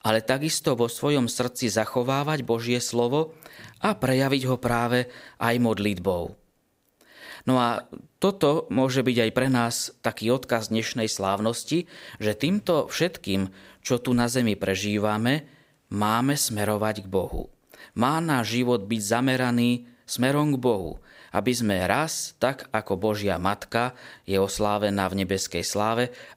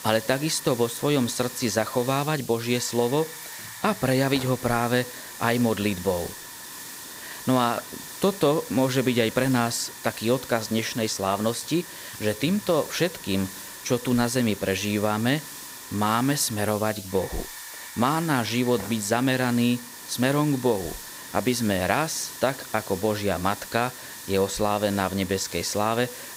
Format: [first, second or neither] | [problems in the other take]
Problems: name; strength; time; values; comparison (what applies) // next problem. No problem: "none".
first | hiss; noticeable; throughout; 10 dB below the speech